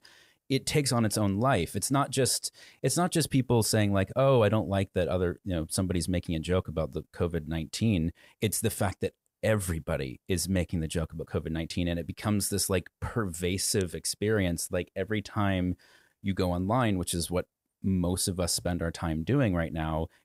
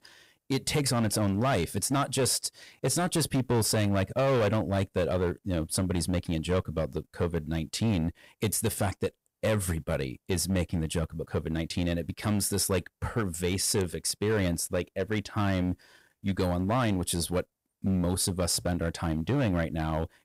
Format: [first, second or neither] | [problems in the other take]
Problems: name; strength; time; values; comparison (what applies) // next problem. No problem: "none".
first | distortion; slight; 9% of the sound clipped